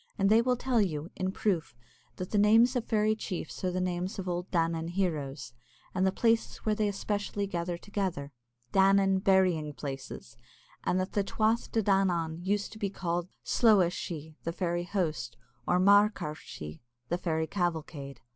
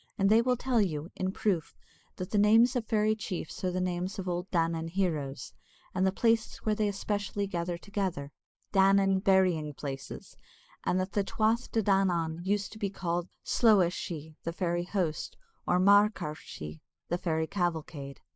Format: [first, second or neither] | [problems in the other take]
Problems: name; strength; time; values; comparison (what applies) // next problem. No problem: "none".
first | noise reduction (neural mask model Resemble Enhance denoiser)